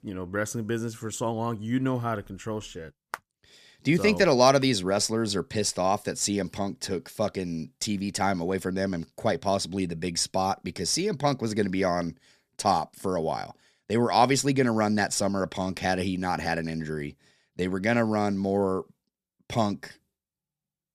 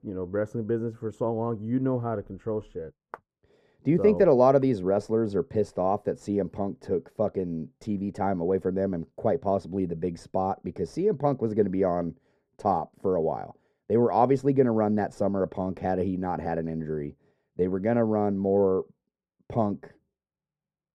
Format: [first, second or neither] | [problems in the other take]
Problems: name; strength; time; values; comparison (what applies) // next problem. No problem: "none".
first | muffled; very; fading above 2 kHz